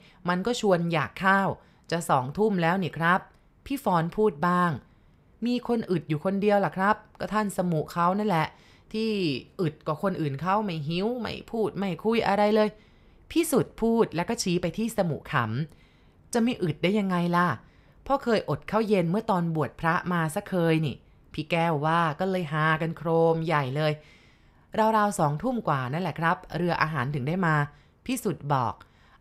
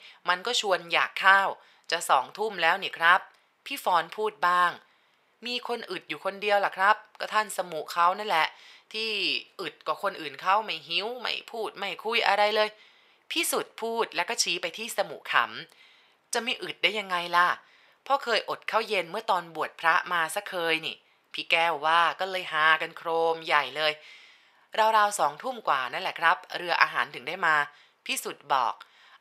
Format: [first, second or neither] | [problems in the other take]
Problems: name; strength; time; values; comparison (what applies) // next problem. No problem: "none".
first | thin; very; fading below 700 Hz